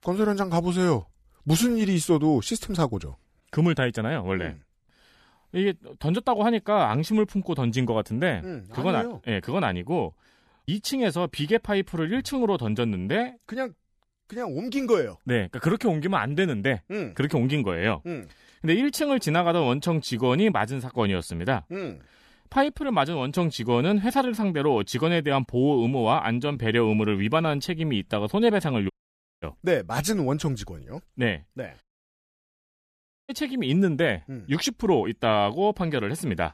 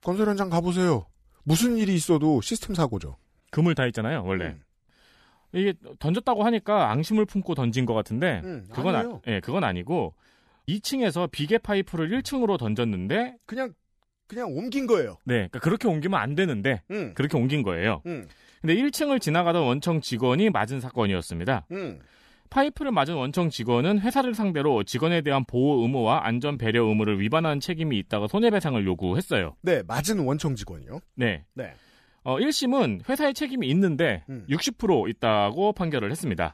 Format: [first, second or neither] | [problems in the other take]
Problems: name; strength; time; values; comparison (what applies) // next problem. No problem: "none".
second | audio cutting out; at 29 s for 0.5 s and at 32 s for 1.5 s